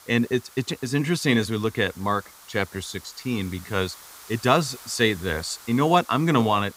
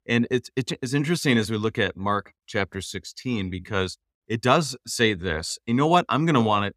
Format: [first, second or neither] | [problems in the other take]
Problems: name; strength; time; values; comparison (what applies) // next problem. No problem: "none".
second | hiss; noticeable; throughout; 20 dB below the speech